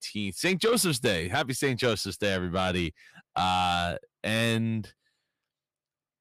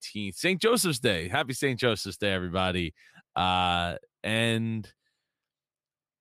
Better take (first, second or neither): second